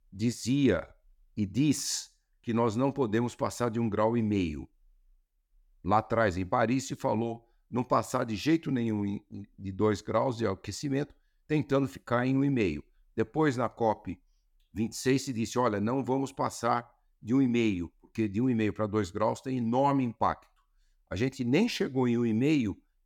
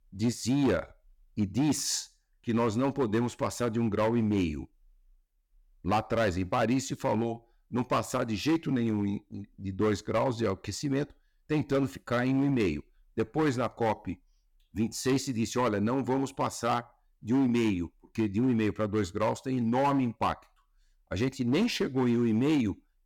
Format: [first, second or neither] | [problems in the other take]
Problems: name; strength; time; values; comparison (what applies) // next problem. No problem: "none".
first | distortion; slight; 7% of the sound clipped